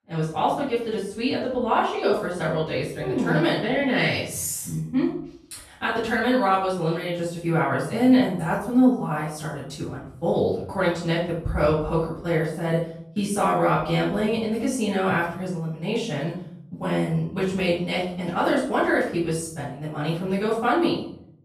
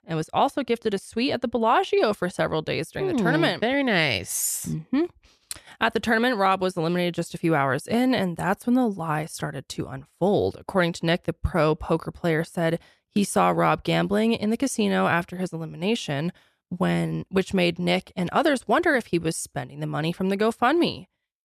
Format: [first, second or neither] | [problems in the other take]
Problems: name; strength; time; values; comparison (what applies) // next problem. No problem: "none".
second | off-mic speech; far // room echo; noticeable; dies away in 0.5 s